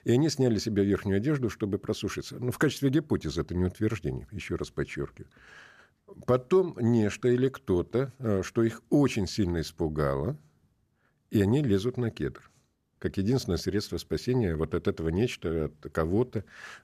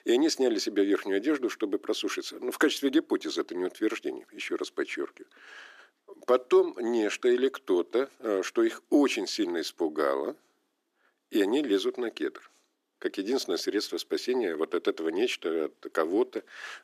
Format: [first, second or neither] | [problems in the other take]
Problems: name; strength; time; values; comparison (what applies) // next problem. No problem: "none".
first | thin; somewhat; fading below 300 Hz